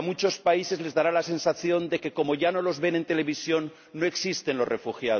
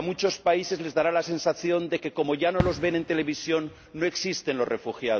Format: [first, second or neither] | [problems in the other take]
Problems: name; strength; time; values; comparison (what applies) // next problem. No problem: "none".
first | background sound (Fireworks); 13 dB below the speech